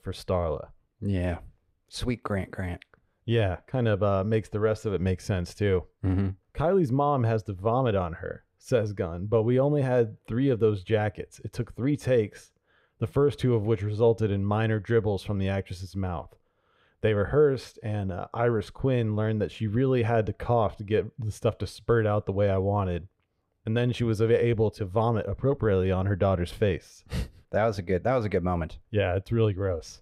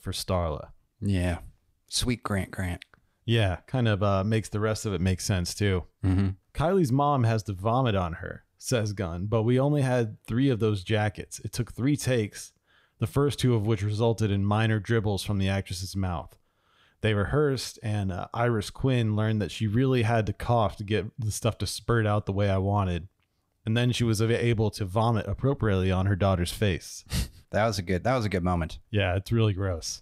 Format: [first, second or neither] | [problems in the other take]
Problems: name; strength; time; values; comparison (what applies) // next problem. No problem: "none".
second | muffled; slightly; fading above 3.5 kHz